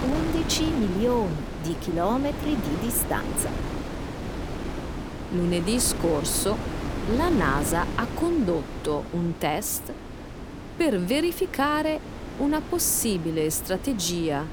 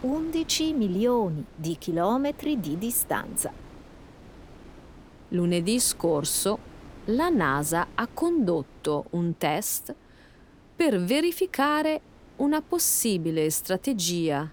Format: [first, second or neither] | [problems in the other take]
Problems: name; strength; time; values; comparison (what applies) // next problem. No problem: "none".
second | wind noise on the microphone; heavy; 9 dB below the speech; occasional gusts in the second